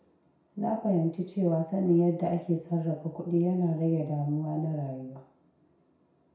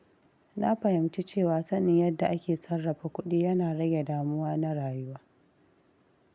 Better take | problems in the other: second | room echo; dies away in 0.6 s

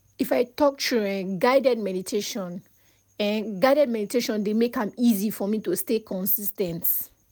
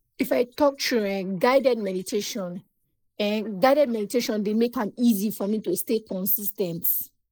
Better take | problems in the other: first | noise reduction (neural mask model Resemble Enhance denoiser)

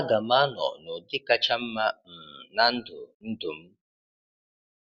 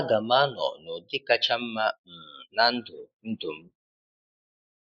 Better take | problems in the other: first | noise reduction (neural mask model Resemble Enhance denoiser)

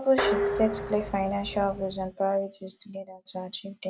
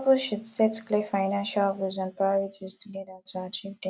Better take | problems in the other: second | background sound (Dishes, pots, and pans); 4 dB below the speech

